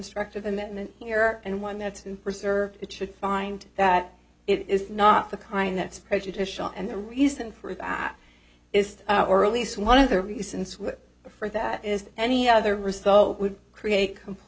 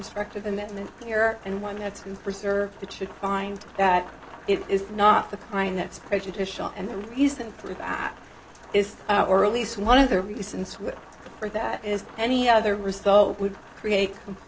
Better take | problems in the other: first | background sound (Rain); 20 dB below the speech

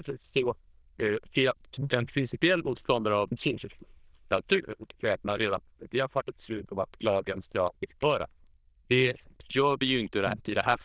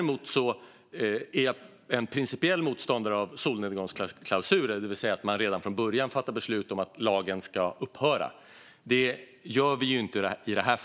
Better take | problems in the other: second | noise reduction (neural diffusion model UNIVERSE++)

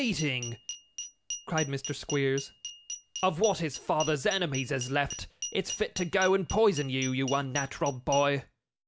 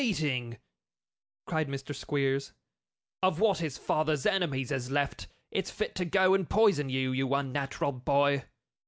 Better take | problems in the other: second | background sound (Glass); 11 dB below the speech

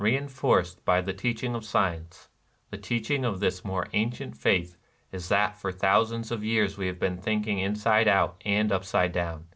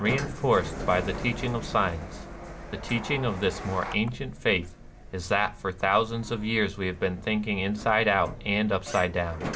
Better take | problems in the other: first | background sound (Sliding door); 10 dB below the speech

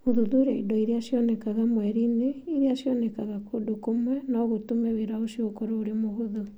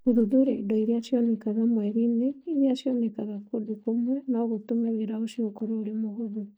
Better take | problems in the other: first | noise reduction (neural mask model DeepFilterNet 3)

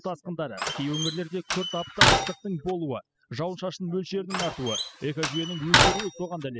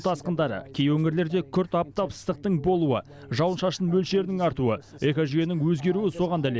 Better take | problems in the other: second | noise reduction (classical method spectral subtraction)

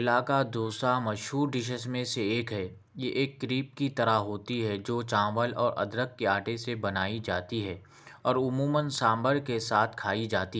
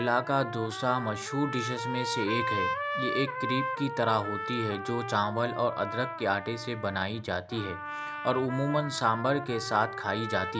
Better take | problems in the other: first | background sound (Trumpet); 5 dB below the speech

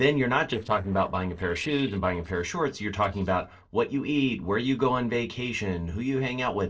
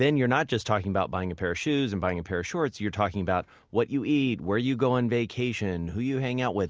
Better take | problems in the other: second | noise reduction (neural separator model SepFormer DNS4)

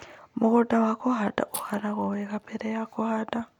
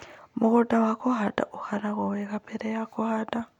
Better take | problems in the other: second | background sound (Fire); 17 dB below the speech

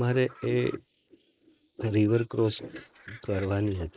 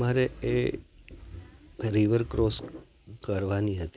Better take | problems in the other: second | noise reduction (neural mask model Resemble Enhance denoiser)

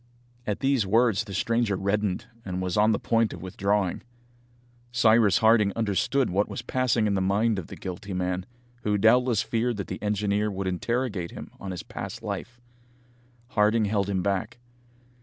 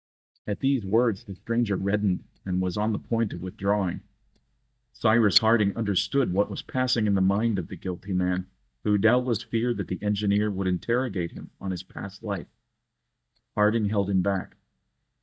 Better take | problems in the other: first | noise reduction (neural mask model DeepFilterNet 3)

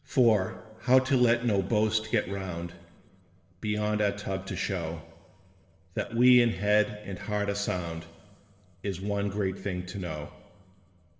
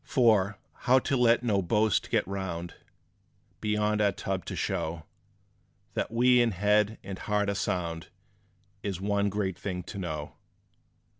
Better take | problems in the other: second | room echo; dies away in 2.4 s

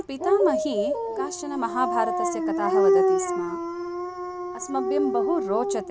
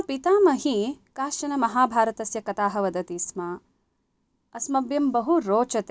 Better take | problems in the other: second | background sound (Dog); 3 dB above the speech

